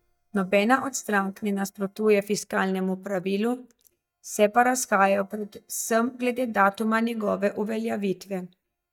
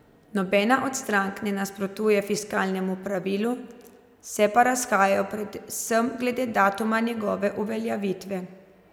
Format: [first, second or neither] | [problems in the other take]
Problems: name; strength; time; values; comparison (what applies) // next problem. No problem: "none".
second | noise reduction (neural mask model DeepFilterNet 3)